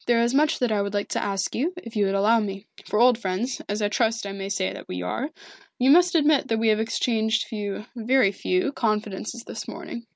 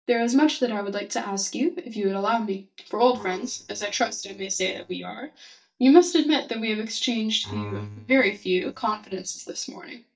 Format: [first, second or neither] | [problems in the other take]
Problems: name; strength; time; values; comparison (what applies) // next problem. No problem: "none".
first | noise reduction (neural mask model DeepFilterNet 3)